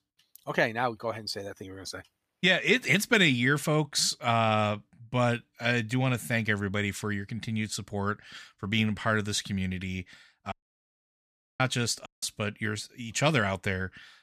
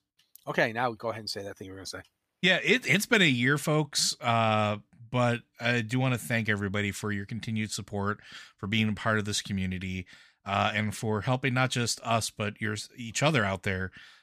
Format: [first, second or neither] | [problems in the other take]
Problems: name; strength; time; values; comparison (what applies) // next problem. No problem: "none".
second | audio cutting out; at 11 s for 1 s and at 12 s